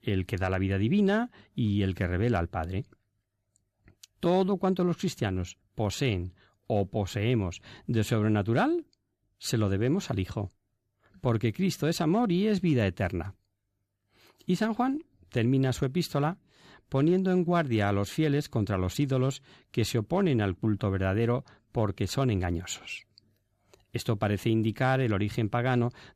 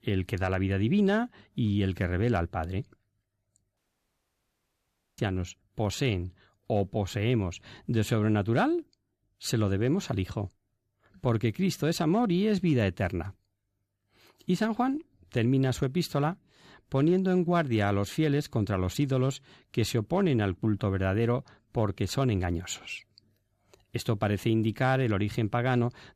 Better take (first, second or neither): first